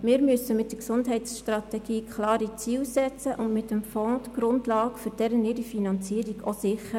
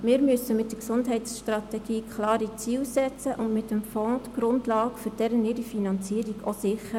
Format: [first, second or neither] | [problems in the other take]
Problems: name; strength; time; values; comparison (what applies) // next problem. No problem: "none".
first | background sound (Microwave oven); 18 dB below the speech